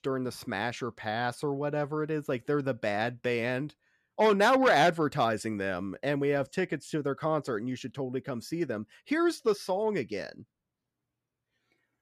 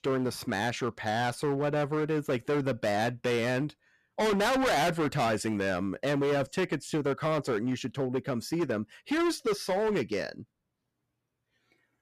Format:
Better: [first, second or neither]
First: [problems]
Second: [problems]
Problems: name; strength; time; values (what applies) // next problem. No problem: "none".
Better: first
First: none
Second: distortion; heavy; 16% of the sound clipped